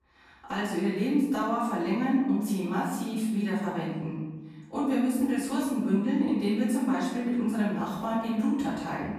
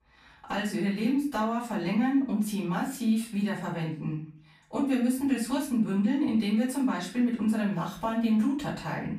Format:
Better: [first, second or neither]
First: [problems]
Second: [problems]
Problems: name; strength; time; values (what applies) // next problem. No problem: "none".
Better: second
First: room echo; strong; dies away in 1.1 s // off-mic speech; far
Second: room echo; slight; dies away in 0.4 s // off-mic speech; far